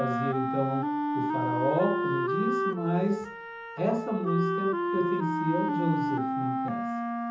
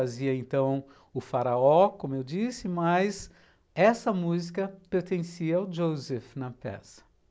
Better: second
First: background sound (Wind instrument, woodwind instrument); 1 dB above the speech // room echo; dies away in 0.6 s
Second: none

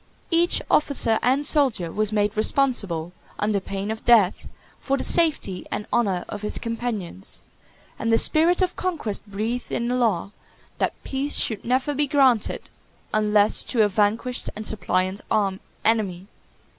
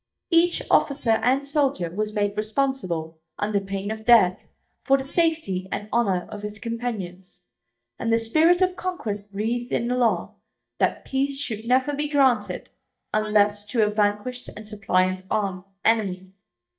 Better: first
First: none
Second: noise reduction (neural mask model DeepFilterNet 3)

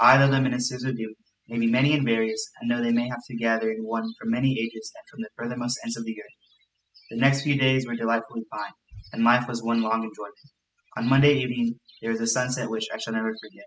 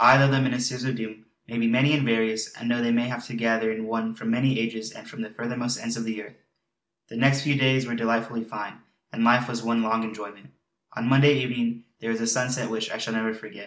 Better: second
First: noise reduction (classical method spectral subtraction)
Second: none

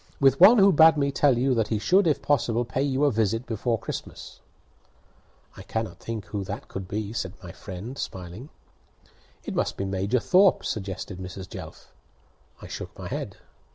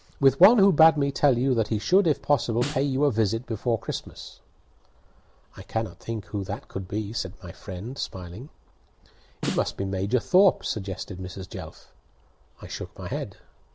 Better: first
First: none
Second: background sound (Snare drum); 11 dB below the speech

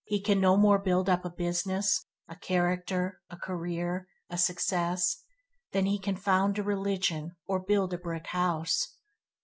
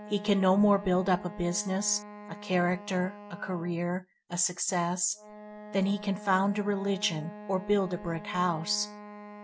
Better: first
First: none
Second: background sound (Wind instrument, woodwind instrument); 15 dB below the speech

